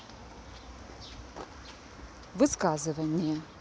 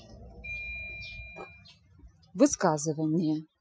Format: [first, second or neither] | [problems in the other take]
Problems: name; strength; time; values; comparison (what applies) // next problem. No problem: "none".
first | noise reduction (classical method Wiener filter)